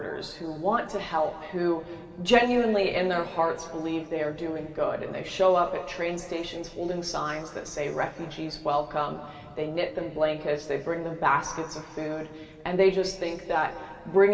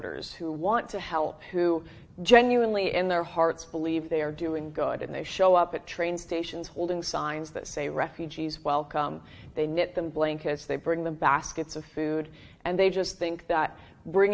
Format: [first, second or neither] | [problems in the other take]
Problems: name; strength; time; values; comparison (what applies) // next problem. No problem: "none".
second | room echo; dies away in 2.3 s